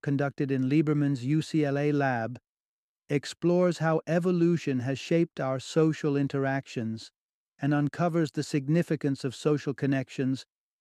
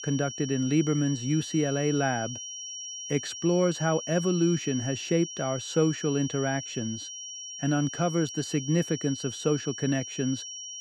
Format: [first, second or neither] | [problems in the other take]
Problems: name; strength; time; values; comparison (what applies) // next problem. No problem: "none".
first | high-pitched whine; loud; throughout; 5.5 kHz, 8 dB below the speech